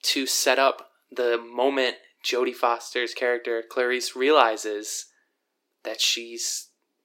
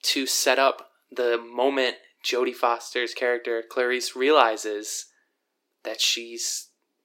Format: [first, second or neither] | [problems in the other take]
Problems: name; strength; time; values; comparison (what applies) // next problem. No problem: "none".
neither | thin; somewhat; fading below 300 Hz; the same in both